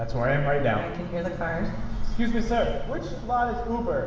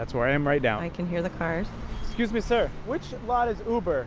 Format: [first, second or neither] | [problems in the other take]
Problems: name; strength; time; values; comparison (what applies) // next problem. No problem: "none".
second | room echo; dies away in 1 s